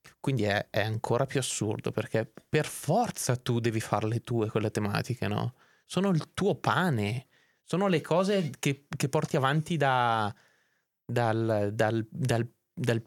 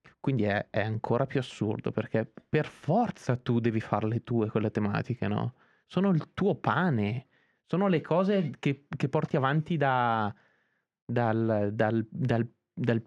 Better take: first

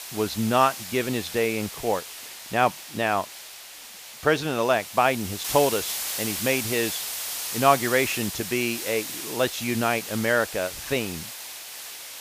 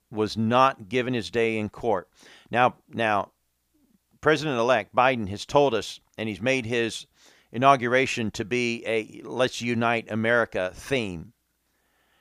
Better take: second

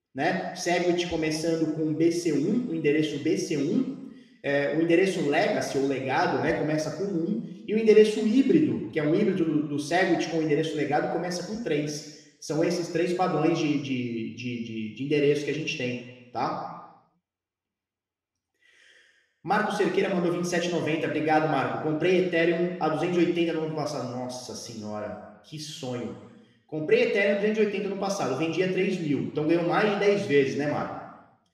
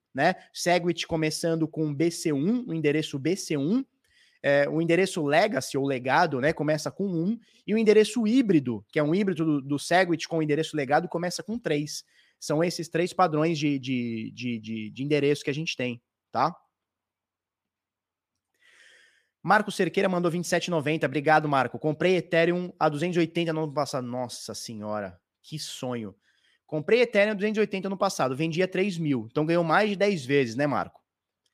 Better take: second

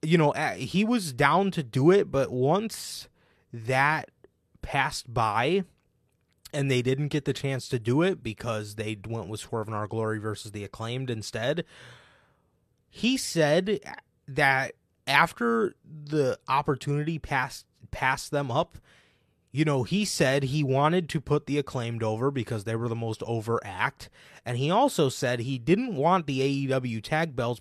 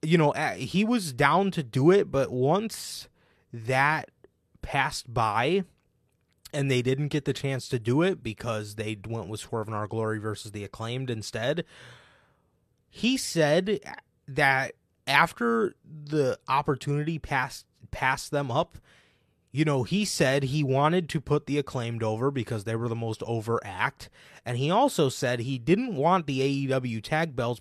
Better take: neither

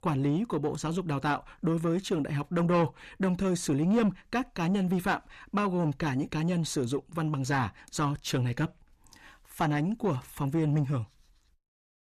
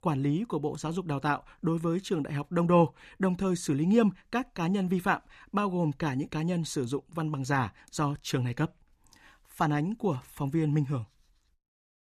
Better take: second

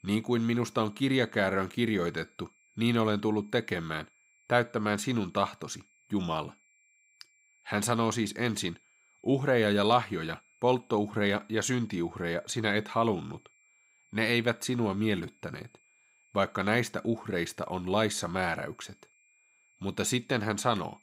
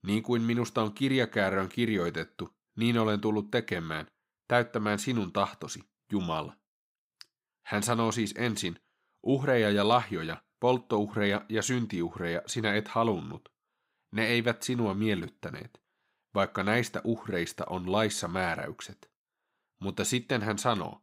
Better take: second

